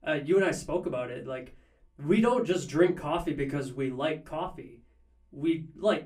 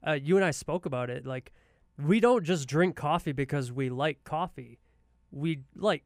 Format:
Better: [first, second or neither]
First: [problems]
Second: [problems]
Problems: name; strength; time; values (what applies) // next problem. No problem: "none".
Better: second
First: off-mic speech; far // room echo; very slight; dies away in 0.2 s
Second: none